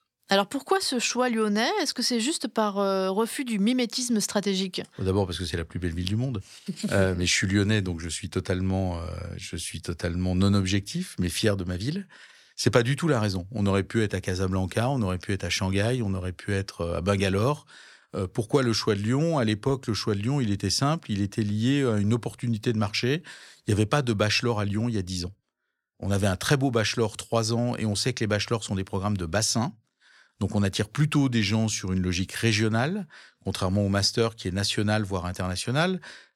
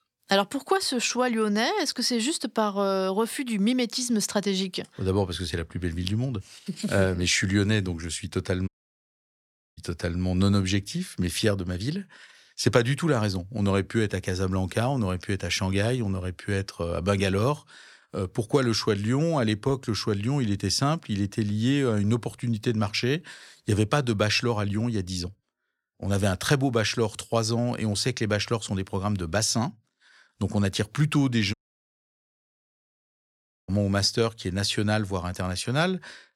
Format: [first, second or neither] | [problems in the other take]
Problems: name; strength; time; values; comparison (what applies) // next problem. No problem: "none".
first | audio cutting out; at 8.5 s for 1 s and at 32 s for 2 s